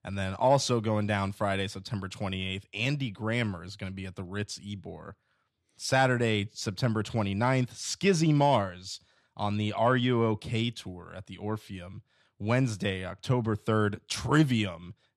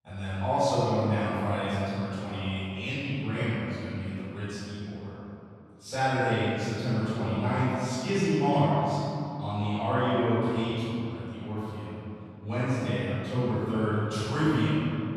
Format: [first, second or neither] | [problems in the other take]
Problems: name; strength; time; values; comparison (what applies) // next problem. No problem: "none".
first | off-mic speech; far // room echo; strong; dies away in 2.7 s